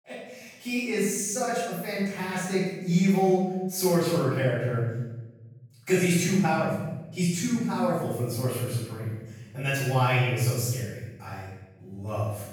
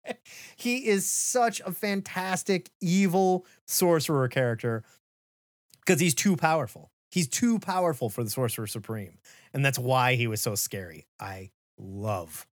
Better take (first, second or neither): second